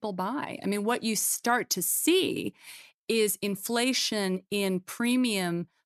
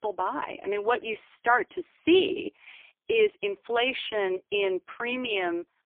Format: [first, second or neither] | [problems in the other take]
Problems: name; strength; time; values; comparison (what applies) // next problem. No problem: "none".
first | phone-call audio; poor line; nothing above 3 kHz